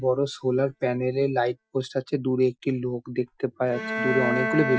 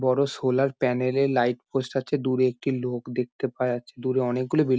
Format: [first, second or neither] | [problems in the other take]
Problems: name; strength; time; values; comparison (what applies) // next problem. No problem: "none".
second | noise reduction (classical method Wiener filter)